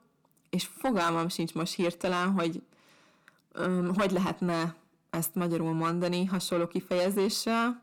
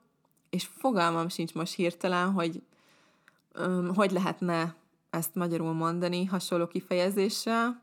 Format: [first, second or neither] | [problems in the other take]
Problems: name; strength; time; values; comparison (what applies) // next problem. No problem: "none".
second | distortion; slight; 10 dB below the speech